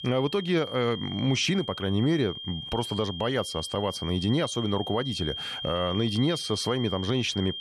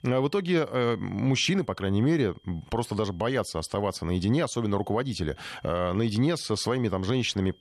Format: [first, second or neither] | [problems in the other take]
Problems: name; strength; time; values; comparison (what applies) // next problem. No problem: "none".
second | high-pitched whine; loud; throughout; 3 kHz, 7 dB below the speech; faint in the second